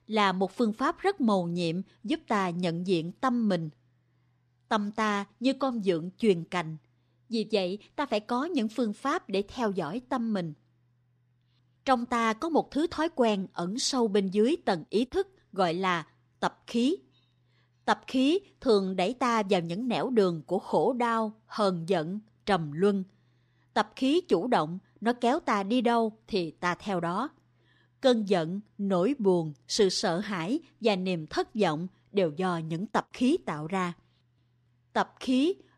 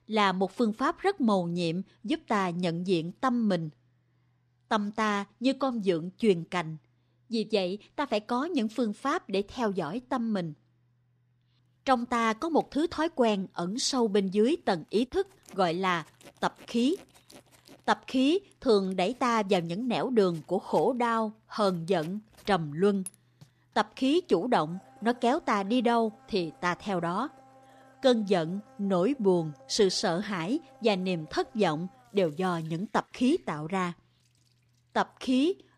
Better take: first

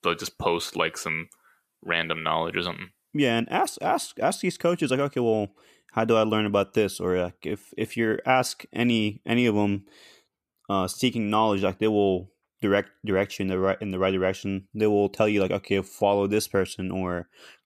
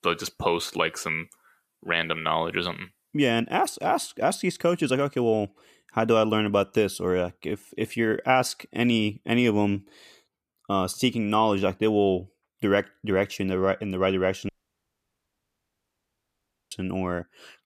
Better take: first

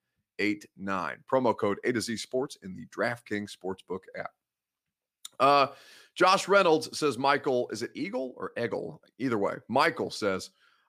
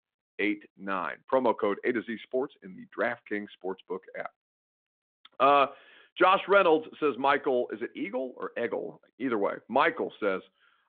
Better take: first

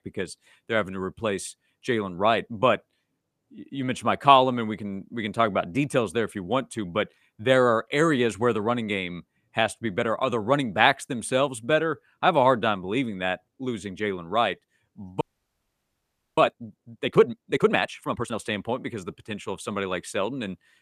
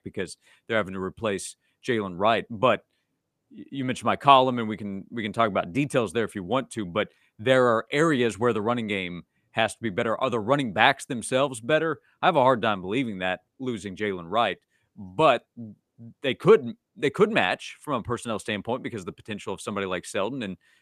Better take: second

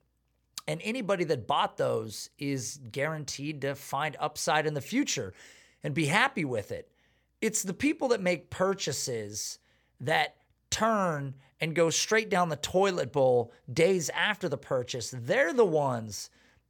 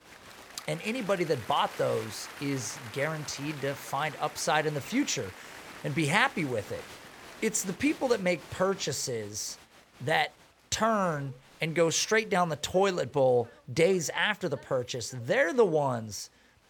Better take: first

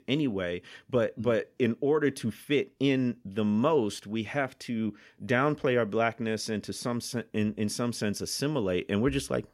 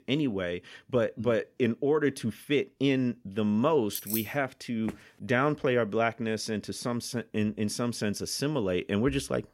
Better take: first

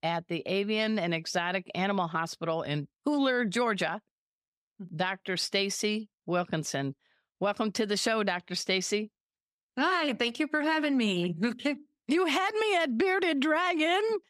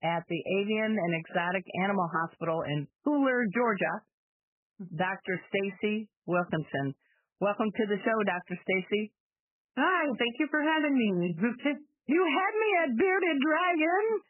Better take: first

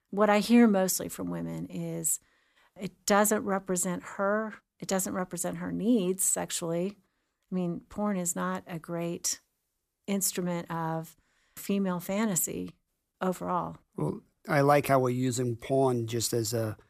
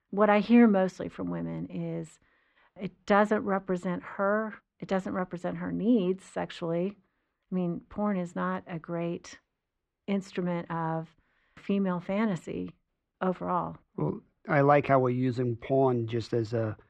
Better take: first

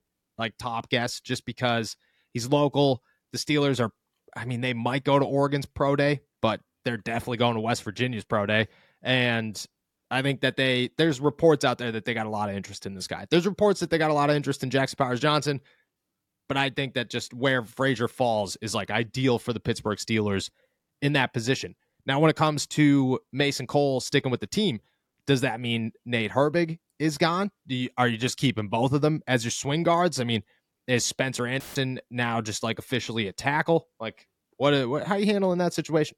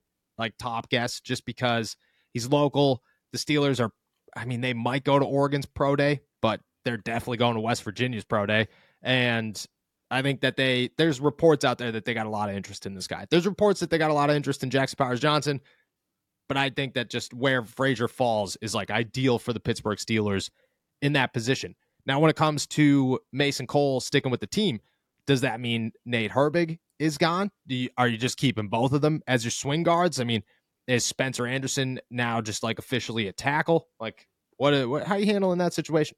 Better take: second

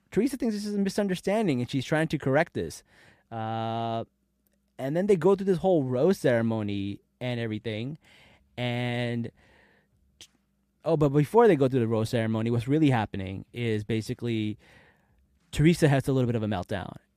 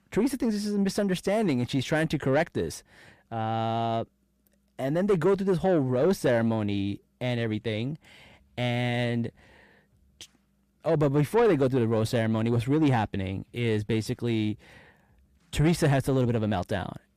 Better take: first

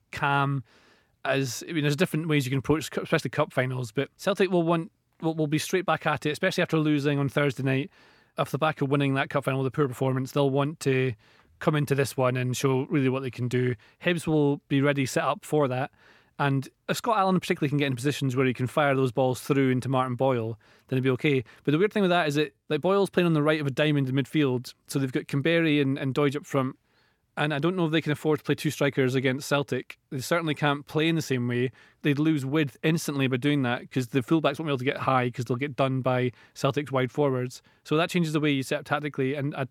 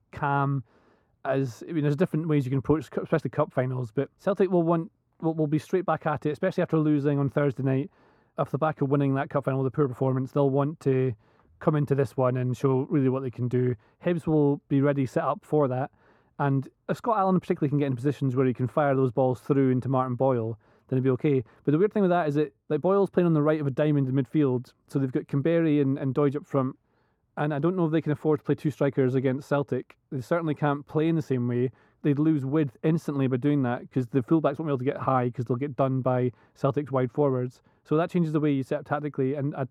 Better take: first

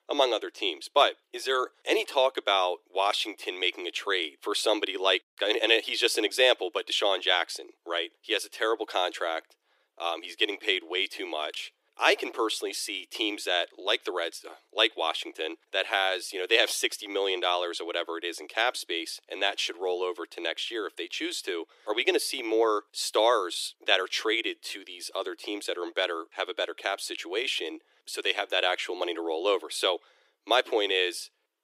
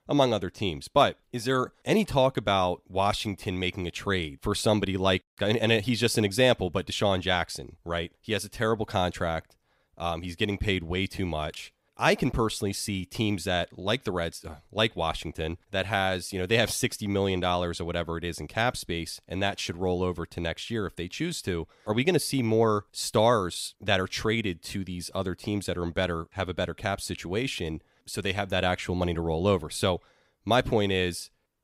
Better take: second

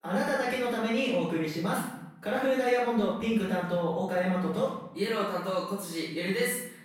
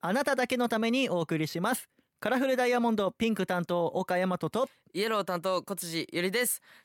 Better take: second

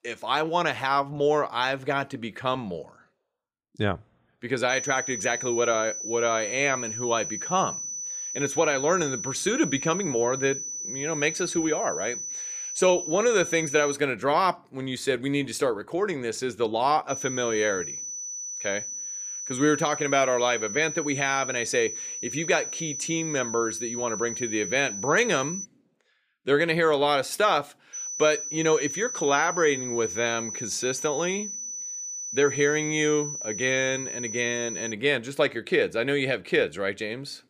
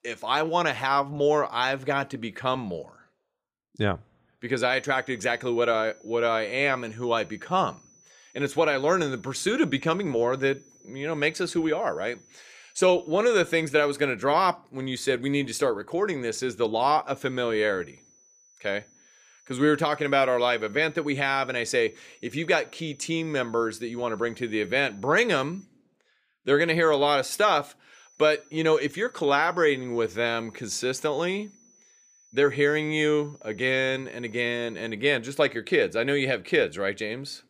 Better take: second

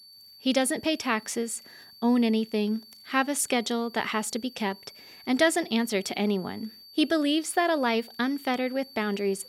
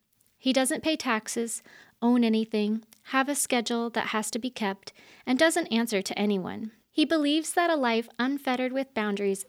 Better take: second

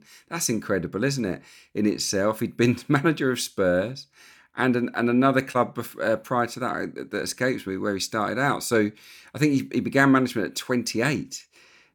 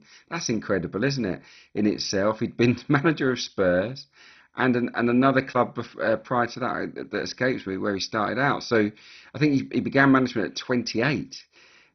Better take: first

